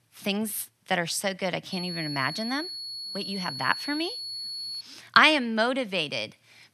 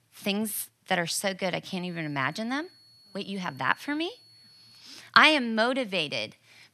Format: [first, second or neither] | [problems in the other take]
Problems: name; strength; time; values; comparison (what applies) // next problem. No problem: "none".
second | high-pitched whine; loud; from 1.5 to 5 s; 4.5 kHz, 7 dB below the speech; faint in the second